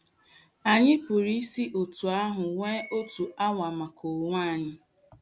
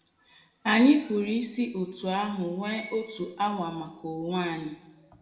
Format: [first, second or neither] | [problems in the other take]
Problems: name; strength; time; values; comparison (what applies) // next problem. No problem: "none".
first | room echo; dies away in 0.8 s